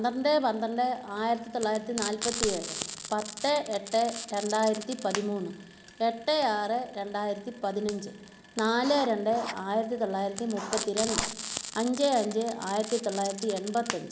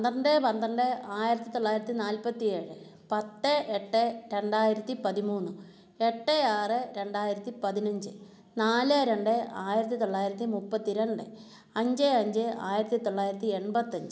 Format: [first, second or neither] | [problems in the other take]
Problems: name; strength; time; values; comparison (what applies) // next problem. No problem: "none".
second | background sound (Writing + Frying (food)); 10 dB below the speech